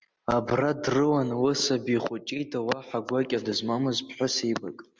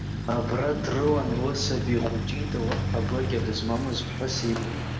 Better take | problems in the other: first | background sound (Truck); 1 dB below the speech // room echo; dies away in 0.5 s

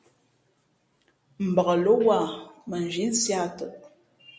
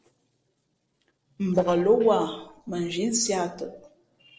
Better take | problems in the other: first | noise reduction (neural separator model SepFormer DNS4)

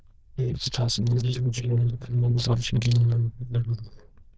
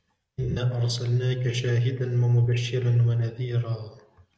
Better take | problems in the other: second | noise reduction (neural diffusion model UNIVERSE++)

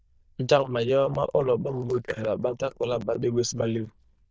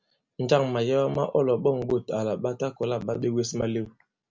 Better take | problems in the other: second | noise reduction (neural diffusion model UNIVERSE++)

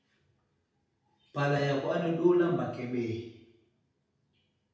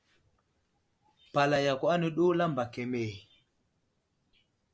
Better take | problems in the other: second | room echo; dies away in 0.8 s

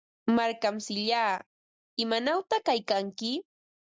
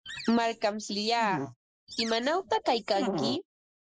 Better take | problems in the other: first | noise reduction (neural mask model Resemble Enhance denoiser)

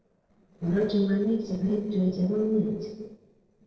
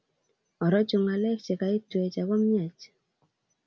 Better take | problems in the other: second | noise reduction (neural separator model SepFormer DNS4)

